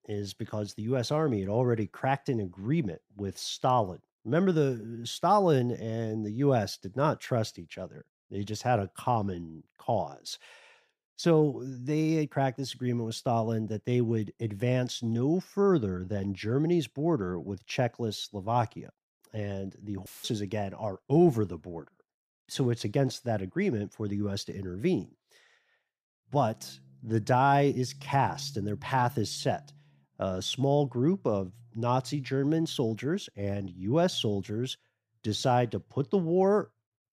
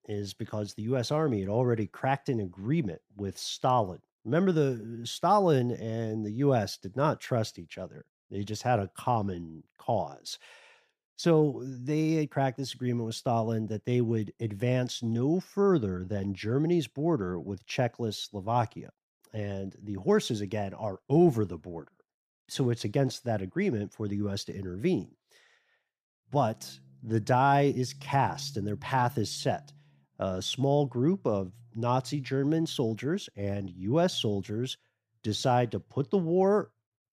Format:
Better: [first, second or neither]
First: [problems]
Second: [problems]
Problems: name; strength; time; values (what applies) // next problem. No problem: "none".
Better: second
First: audio cutting out; filled with static; at 20 s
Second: none